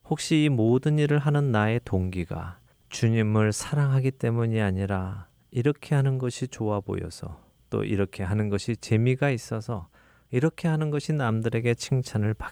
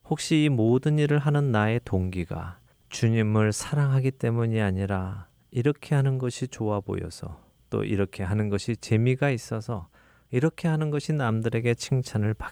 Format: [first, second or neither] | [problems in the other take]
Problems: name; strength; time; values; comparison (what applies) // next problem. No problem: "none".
neither | none